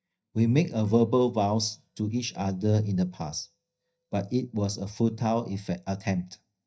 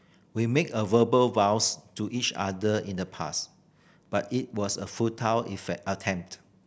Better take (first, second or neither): second